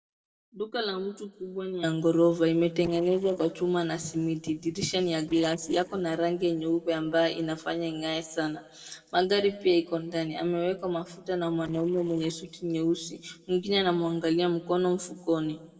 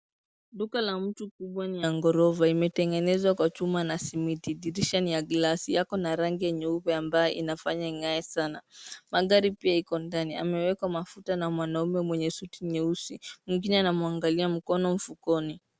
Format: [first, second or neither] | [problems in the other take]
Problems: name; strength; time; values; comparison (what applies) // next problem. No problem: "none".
second | noise reduction (neural separator model SepFormer DNS4)